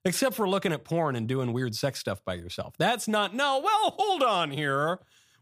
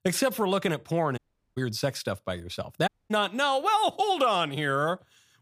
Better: first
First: none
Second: audio cutting out; at 1 s and at 3 s

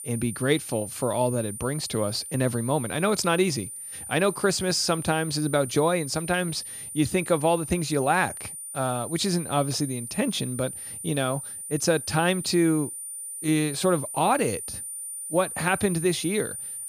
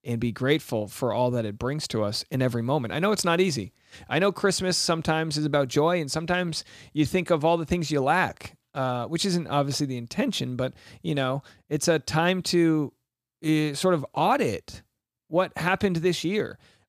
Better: second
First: high-pitched whine; loud; throughout; 9.5 kHz, 8 dB below the speech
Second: none

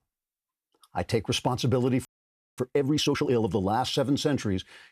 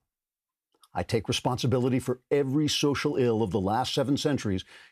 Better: second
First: audio freezing; at 2 s for 0.5 s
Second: none

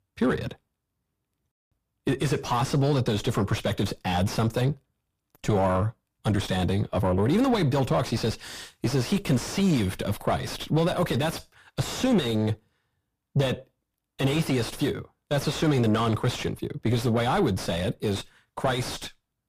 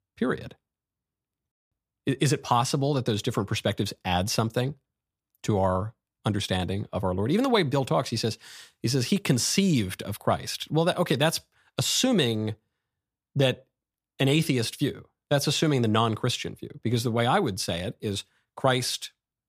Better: second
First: distortion; heavy; 4 dB below the speech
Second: none

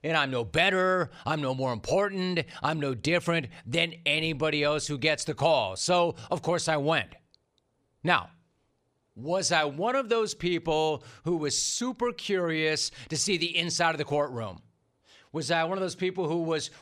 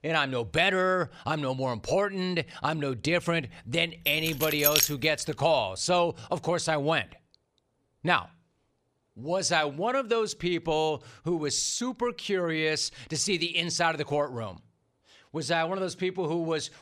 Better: first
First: none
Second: jangling keys; loud; at 4 s; peak 5 dB above the speech

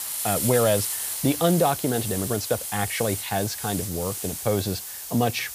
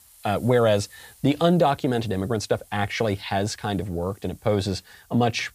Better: second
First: hiss; loud; throughout; 3 dB below the speech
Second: hiss; faint; throughout; 25 dB below the speech

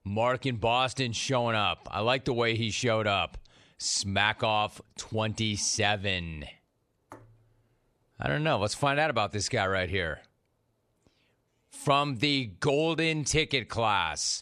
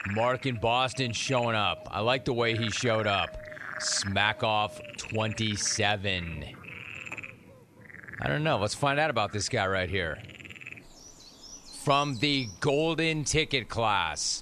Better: first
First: none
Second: animal sounds; noticeable; throughout; 15 dB below the speech

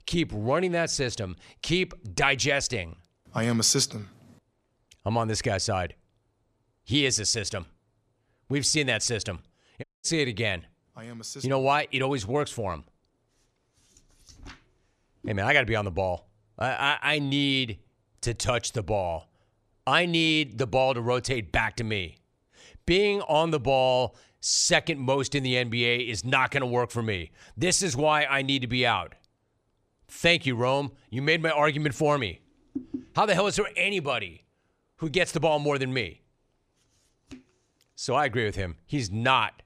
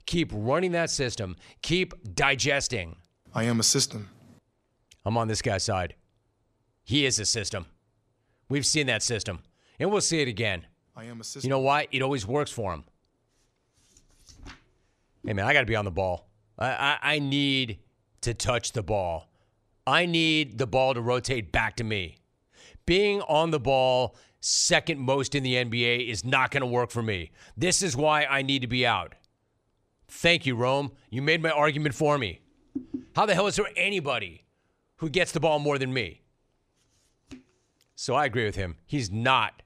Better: second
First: audio cutting out; at 10 s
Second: none

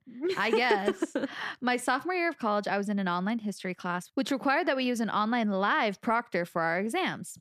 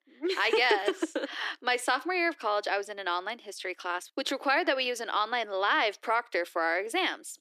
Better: first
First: none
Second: thin; somewhat; fading below 300 Hz

